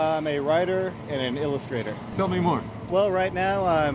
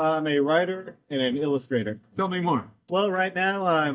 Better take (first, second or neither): first